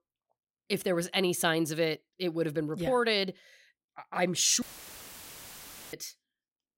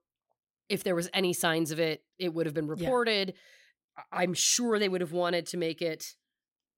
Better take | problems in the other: second | audio cutting out; filled with static; at 4.5 s for 1.5 s

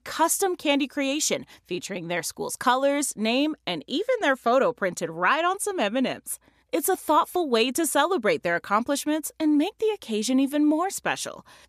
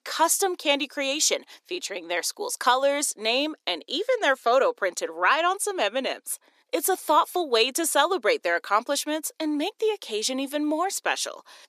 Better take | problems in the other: first | thin; somewhat; fading below 350 Hz

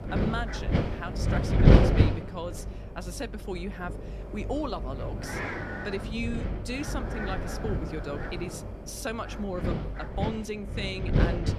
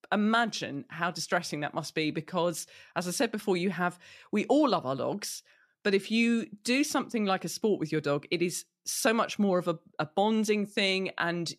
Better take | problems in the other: second | wind noise on the microphone; heavy; 2 dB above the speech

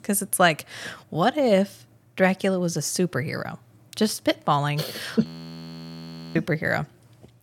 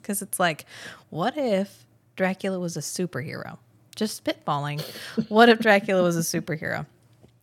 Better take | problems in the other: second | audio freezing; at 5.5 s for 1 s

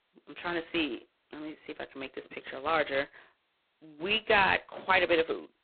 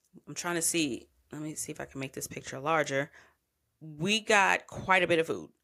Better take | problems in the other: second | phone-call audio; poor line; nothing above 4 kHz

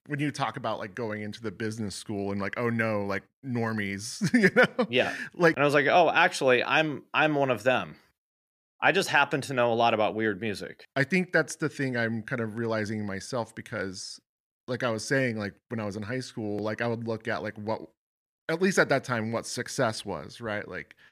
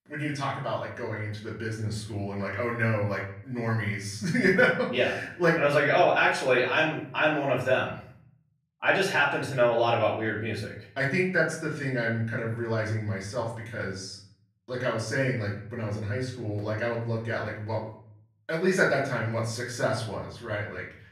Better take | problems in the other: first | off-mic speech; far // room echo; noticeable; dies away in 0.6 s

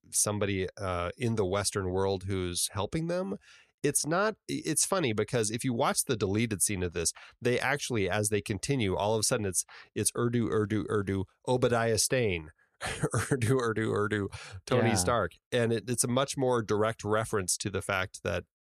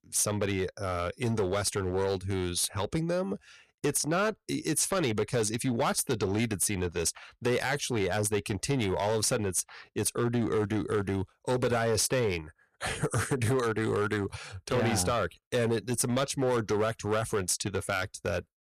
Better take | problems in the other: first | distortion; slight; 8% of the sound clipped

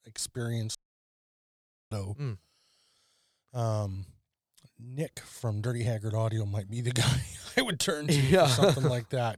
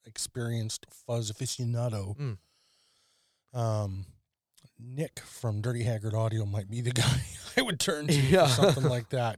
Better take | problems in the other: second | audio cutting out; at 1 s for 1 s

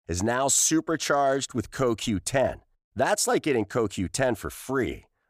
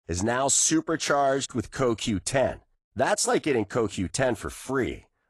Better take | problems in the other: first | garbled, watery; slightly; nothing above 11 kHz

